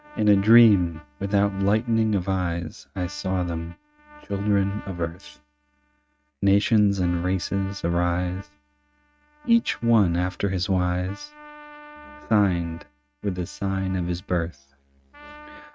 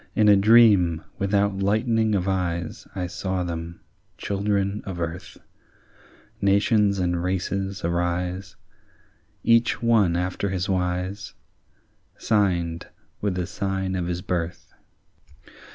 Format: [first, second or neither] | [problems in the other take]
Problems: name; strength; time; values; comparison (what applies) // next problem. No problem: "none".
second | noise reduction (neural mask model RNNoise)